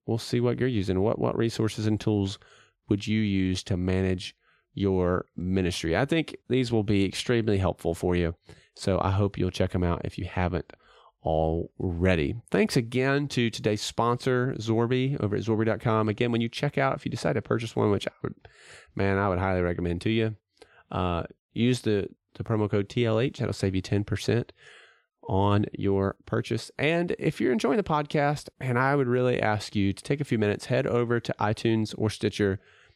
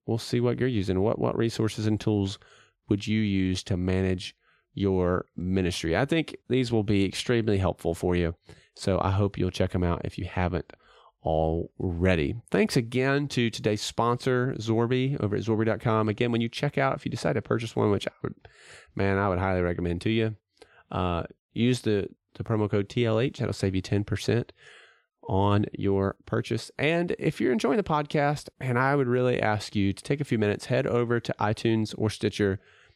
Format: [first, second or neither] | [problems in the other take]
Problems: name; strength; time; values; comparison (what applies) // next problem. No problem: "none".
neither | none